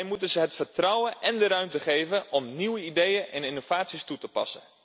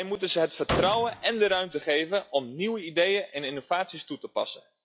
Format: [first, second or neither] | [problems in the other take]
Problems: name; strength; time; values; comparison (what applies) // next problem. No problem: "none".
first | noise reduction (classical method log-MMSE)